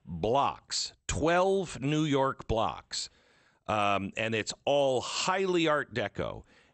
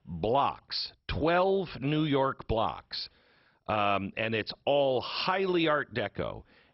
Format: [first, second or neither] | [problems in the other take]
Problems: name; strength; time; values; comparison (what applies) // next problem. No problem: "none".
first | garbled, watery; badly; nothing above 5.5 kHz; slightly in the first